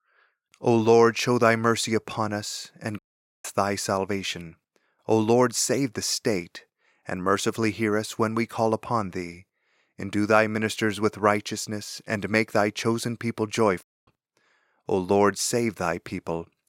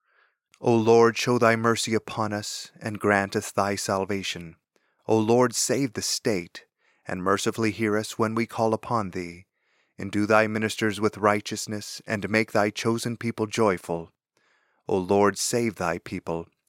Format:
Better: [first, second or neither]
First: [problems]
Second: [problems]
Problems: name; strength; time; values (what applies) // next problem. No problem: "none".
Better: second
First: audio cutting out; at 3 s and at 14 s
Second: none